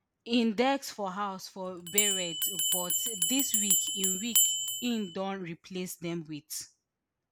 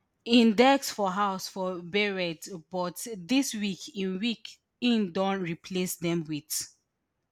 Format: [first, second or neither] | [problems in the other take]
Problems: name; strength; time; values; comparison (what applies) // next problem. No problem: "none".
second | background sound (Bell); 5 dB above the speech